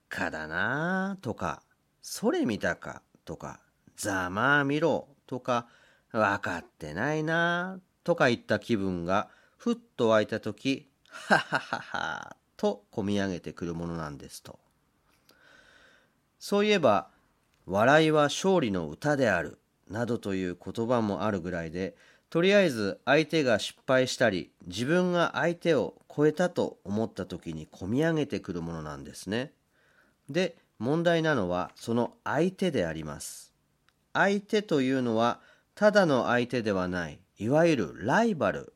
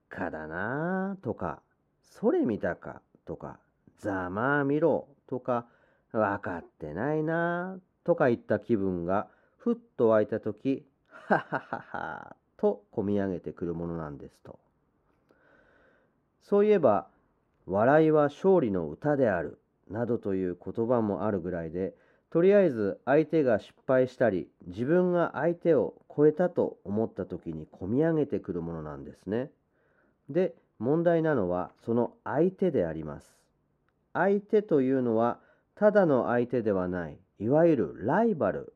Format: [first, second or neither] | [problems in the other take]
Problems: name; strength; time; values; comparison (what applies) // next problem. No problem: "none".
first | muffled; very; fading above 2.5 kHz